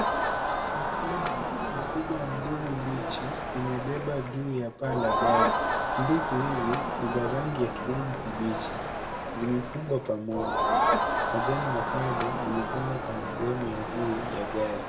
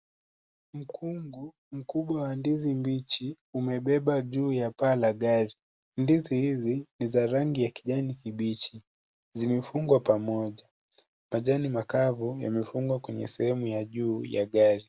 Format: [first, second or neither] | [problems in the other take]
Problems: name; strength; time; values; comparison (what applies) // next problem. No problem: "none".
second | background sound (Crowd); 2 dB above the speech // room echo; dies away in 0.9 s